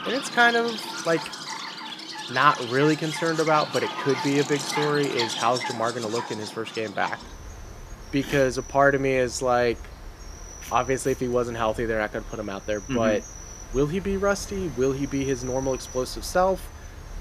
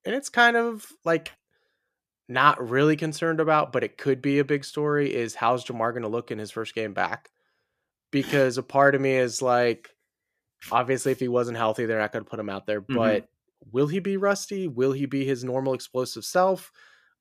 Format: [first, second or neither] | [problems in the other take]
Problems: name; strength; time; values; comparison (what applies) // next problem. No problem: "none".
second | animal sounds; loud; throughout; 10 dB below the speech